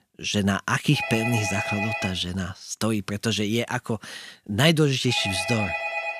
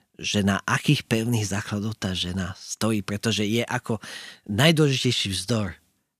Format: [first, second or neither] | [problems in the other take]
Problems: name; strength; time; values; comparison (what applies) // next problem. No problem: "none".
second | phone ringing; noticeable; from 1 s on; peak 2 dB below the speech